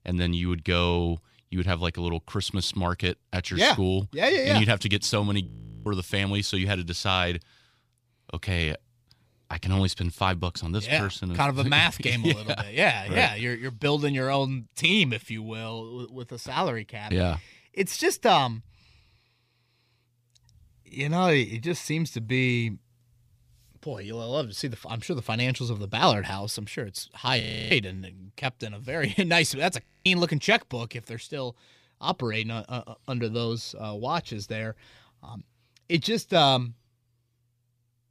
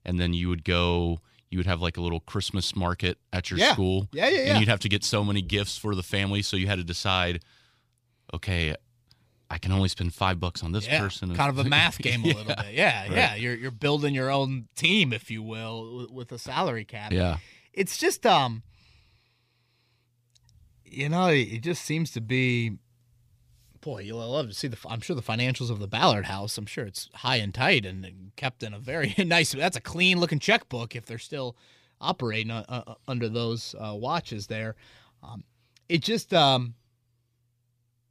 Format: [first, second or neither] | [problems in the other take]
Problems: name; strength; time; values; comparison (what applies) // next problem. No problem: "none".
second | audio freezing; at 5.5 s, at 27 s and at 30 s